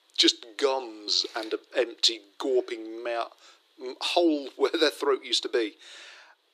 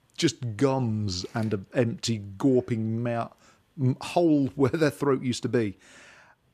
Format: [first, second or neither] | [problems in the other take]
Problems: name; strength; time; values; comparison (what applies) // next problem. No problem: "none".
second | thin; very; fading below 300 Hz